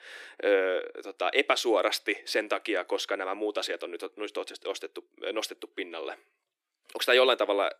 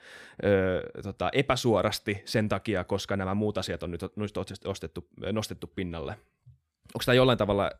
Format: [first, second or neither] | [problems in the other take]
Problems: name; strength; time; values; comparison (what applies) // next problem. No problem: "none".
second | thin; very; fading below 300 Hz